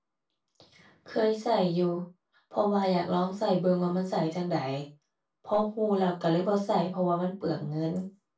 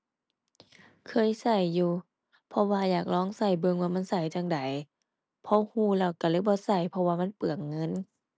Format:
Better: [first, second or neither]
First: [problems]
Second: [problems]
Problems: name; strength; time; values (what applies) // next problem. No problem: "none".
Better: second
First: room echo; dies away in 0.2 s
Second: none